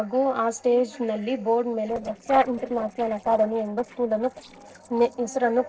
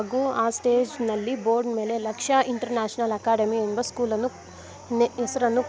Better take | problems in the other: second | noise reduction (neural separator model SepFormer DNS4)

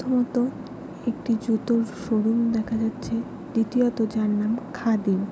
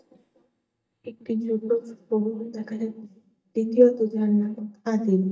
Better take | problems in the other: first | noise reduction (neural mask model DeepFilterNet 3)

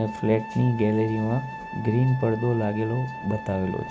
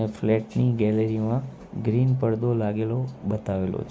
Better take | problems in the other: second | background sound (Wind instrument, woodwind instrument); 13 dB below the speech

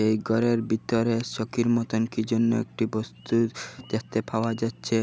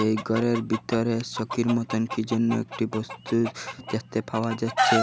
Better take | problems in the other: first | background sound (Chicken, rooster); 6 dB below the speech

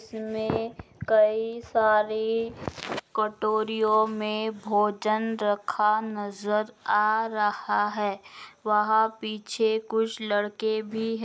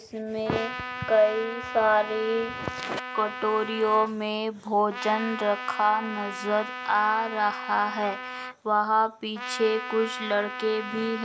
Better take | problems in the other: first | background sound (Trumpet); 10 dB below the speech

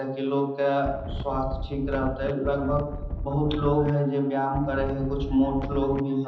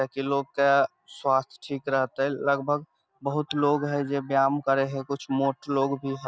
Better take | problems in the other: second | background sound (Wind); 6 dB below the speech // room echo; dies away in 0.9 s

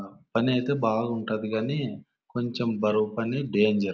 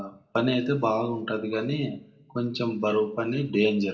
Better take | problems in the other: first | room echo; dies away in 0.5 s

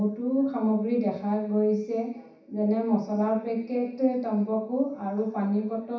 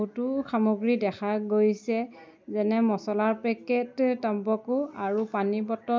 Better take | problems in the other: second | room echo; dies away in 0.7 s

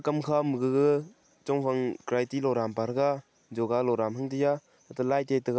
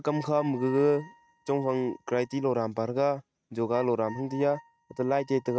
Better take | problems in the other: first | noise reduction (neural mask model RNNoise)

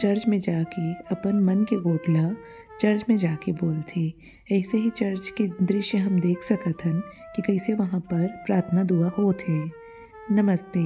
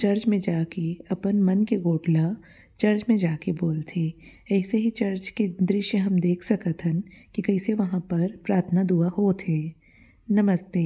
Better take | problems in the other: second | background sound (Wind instrument, woodwind instrument); 20 dB below the speech

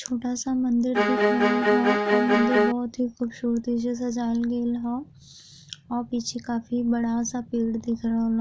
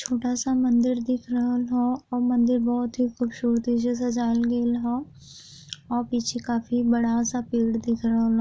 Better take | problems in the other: second | background sound (Bowed string instrument); 4 dB above the speech

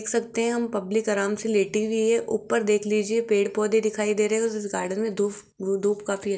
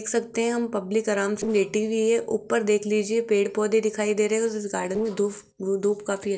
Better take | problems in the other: first | noise reduction (neural separator model SepFormer DNS4)

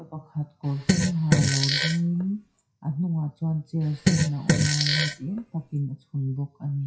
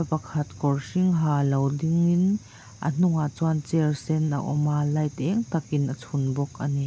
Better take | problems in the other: second | noise reduction (classical method WPE with log-MMSE)

